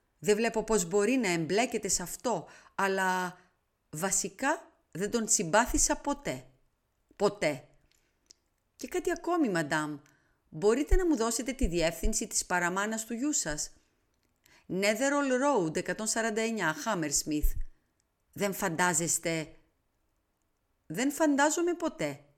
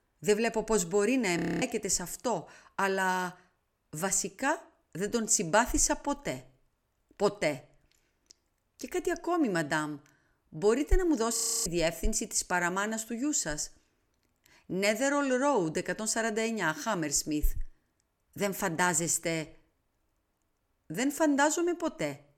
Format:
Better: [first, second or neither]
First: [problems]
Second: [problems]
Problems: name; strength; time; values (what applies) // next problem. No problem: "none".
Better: first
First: none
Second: audio freezing; at 1.5 s and at 11 s